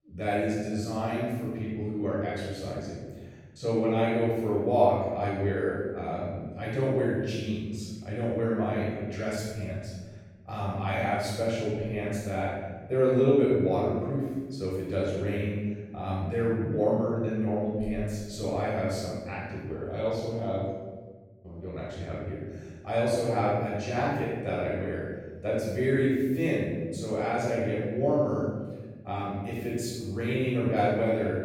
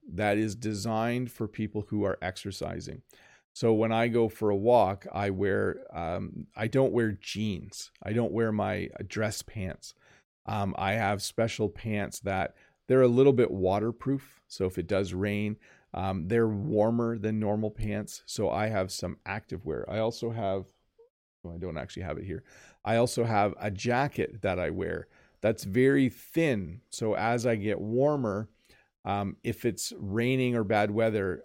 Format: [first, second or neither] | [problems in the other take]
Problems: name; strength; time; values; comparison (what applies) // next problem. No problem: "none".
second | off-mic speech; far // room echo; strong; dies away in 1.3 s